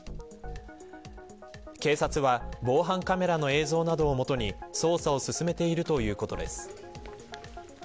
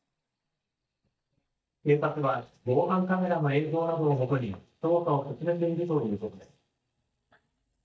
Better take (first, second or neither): first